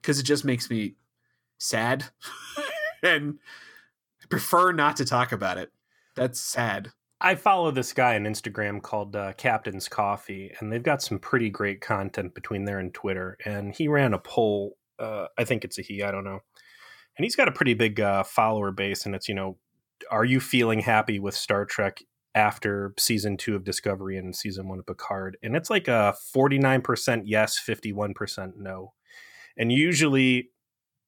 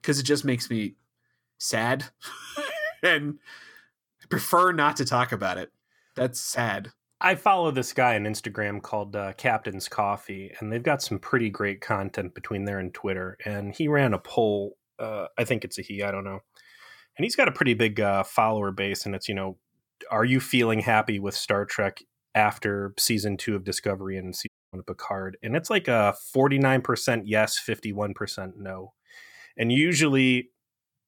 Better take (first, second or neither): first